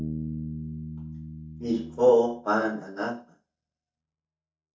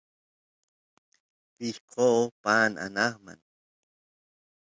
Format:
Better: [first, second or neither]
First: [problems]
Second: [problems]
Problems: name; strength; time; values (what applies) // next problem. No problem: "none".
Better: second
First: noise reduction (neural mask model DeepFilterNet 3)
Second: none